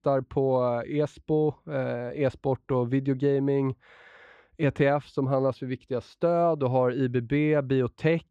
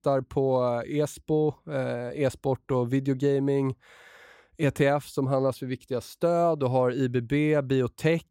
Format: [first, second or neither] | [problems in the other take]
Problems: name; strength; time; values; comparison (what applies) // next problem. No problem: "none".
second | muffled; slightly; fading above 3.5 kHz